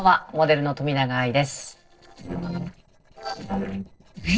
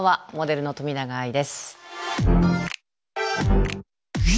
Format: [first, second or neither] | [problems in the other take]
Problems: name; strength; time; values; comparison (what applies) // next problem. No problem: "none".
second | noise reduction (neural separator model SepFormer DNS4)